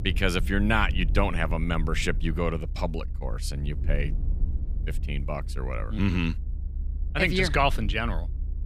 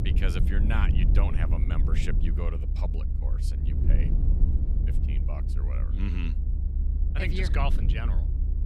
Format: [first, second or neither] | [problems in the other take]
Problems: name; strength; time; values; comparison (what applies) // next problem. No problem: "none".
first | low rumble; loud; throughout; 6 dB below the speech; faint in the first